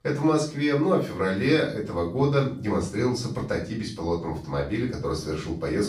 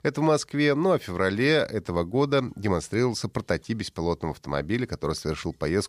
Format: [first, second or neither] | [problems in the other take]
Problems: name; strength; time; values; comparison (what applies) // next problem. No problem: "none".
second | off-mic speech; far // room echo; slight; dies away in 0.4 s